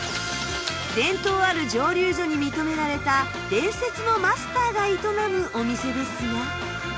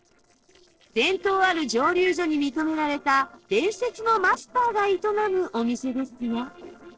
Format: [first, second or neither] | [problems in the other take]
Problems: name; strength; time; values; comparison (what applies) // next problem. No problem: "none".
first | noise reduction (neural separator model SepFormer DNS4)